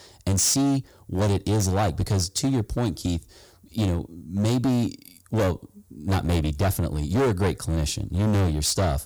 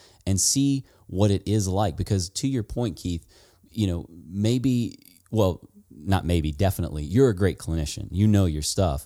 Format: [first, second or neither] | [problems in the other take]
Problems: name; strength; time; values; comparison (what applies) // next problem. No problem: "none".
second | distortion; heavy; 16% of the sound clipped